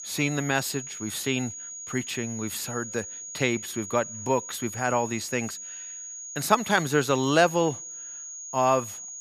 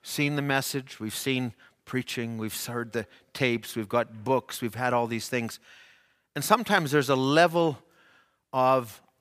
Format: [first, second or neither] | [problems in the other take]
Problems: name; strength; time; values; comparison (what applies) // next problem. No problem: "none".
second | high-pitched whine; loud; throughout; 6.5 kHz, 9 dB below the speech